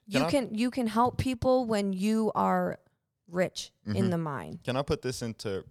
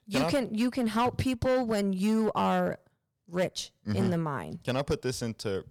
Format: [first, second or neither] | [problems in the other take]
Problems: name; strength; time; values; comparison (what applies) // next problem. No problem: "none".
first | distortion; slight; 7% of the sound clipped